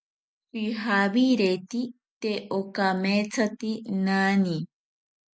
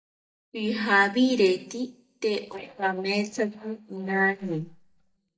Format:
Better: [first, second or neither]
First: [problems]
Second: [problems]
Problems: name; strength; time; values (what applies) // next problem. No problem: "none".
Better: first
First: none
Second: noise reduction (neural mask model DeepFilterNet 3)